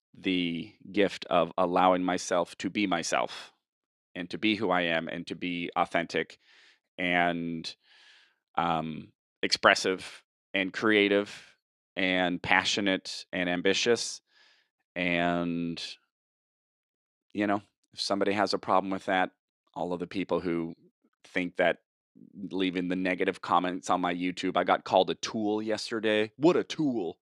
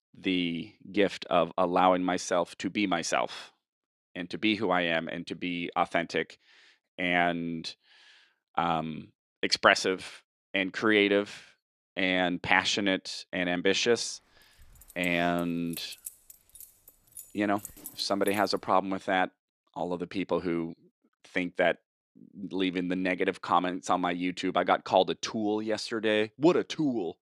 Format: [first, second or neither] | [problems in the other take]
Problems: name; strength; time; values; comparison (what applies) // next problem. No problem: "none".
first | jangling keys; faint; from 15 to 18 s; peak 15 dB below the speech